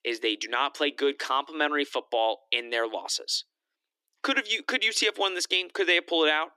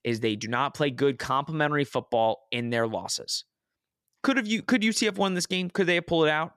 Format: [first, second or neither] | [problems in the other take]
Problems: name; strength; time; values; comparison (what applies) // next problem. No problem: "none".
second | thin; somewhat; fading below 300 Hz